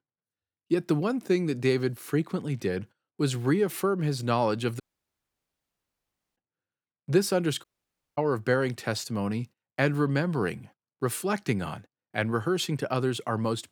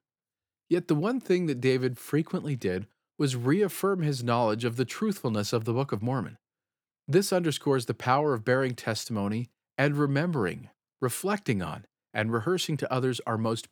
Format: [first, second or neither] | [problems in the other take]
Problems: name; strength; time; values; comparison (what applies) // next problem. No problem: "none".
second | audio cutting out; at 5 s for 1.5 s and at 7.5 s for 0.5 s